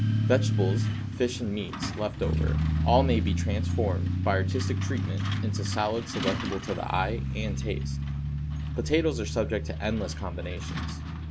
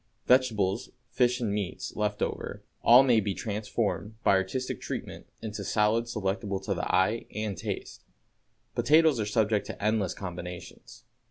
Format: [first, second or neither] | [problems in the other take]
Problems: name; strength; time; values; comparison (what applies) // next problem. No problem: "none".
second | background sound (Truck); 2 dB above the speech